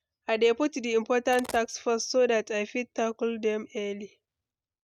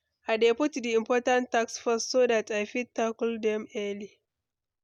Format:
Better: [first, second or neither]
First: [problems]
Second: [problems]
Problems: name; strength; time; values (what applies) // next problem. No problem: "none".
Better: second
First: noise reduction (neural mask model RNNoise)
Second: none